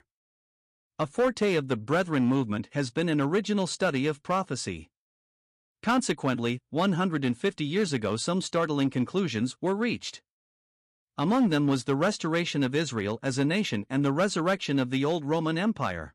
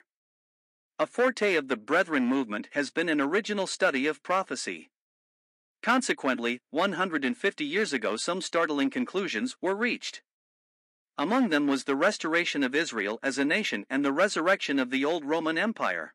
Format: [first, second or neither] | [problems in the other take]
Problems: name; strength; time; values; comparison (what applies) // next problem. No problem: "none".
first | thin; very slightly; fading below 250 Hz